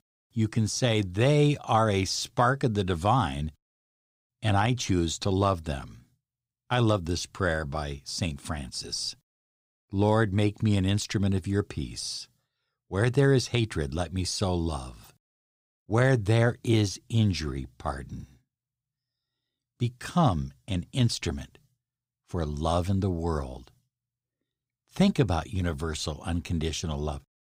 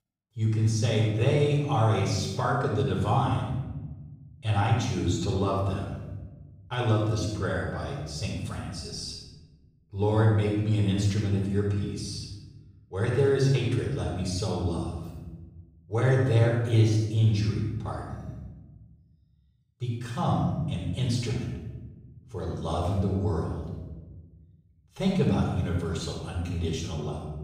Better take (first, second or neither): first